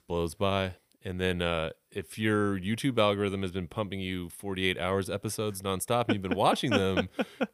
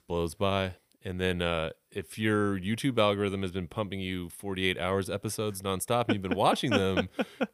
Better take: neither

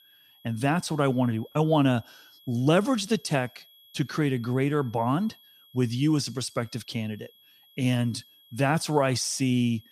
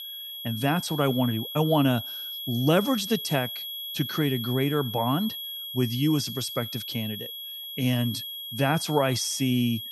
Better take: first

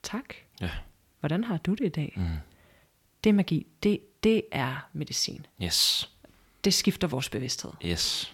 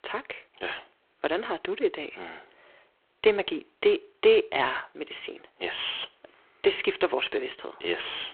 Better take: first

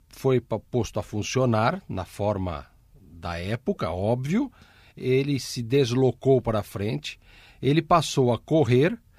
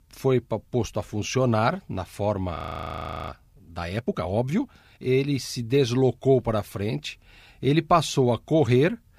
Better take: first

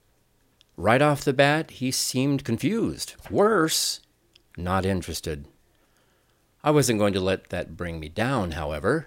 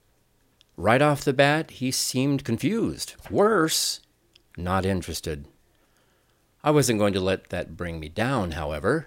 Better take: neither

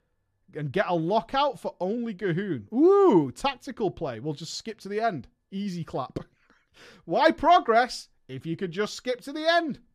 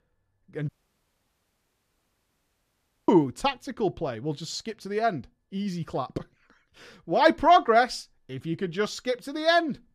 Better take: first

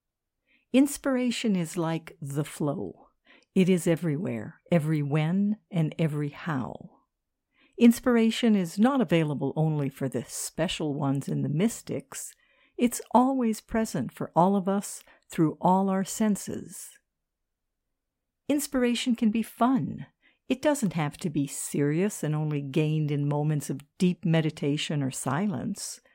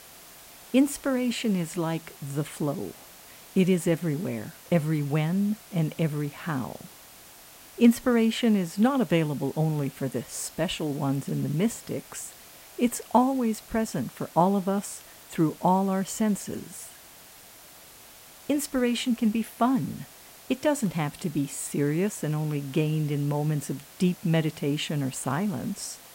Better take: first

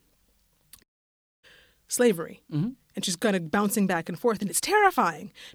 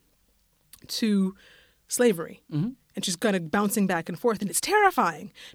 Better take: second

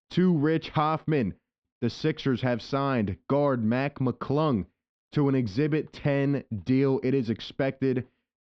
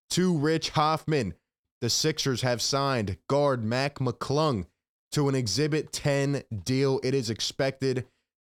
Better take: second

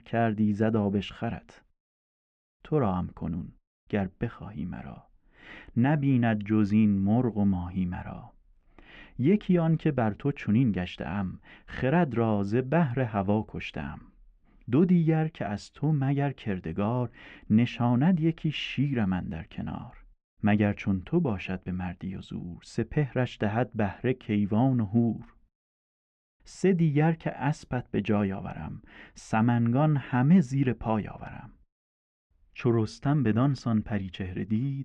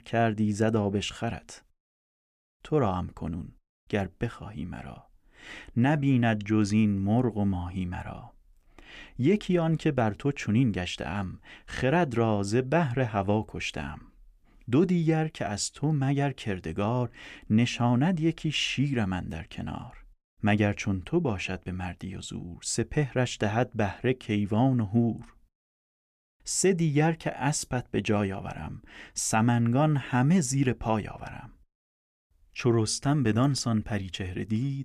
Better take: second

